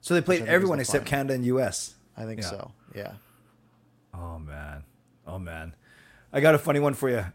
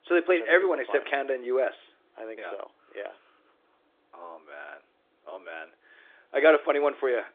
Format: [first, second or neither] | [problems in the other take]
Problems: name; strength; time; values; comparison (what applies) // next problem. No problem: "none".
first | phone-call audio; nothing above 3.5 kHz